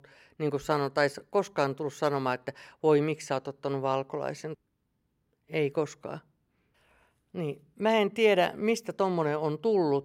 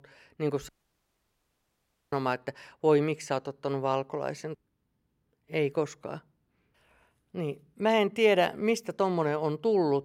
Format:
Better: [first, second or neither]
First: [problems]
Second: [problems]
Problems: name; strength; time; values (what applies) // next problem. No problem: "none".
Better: first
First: none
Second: audio cutting out; at 0.5 s for 1.5 s